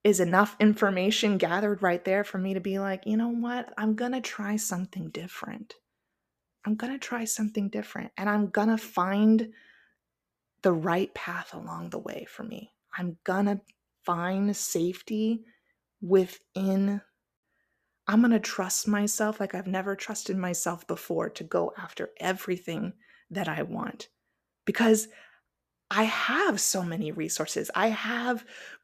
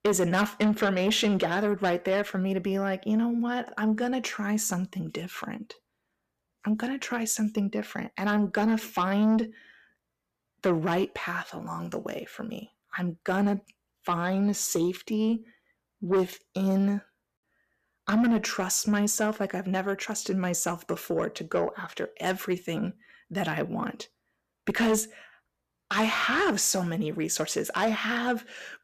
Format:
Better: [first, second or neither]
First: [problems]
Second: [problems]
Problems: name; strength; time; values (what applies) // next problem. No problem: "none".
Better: first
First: none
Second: distortion; slight; 10 dB below the speech